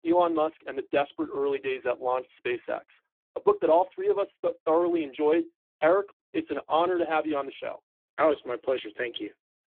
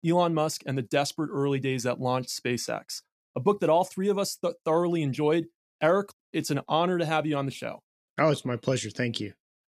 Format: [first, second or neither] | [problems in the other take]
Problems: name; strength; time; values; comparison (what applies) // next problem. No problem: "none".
second | phone-call audio; poor line